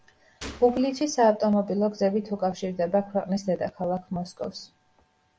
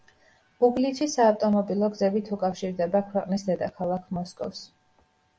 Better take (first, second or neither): second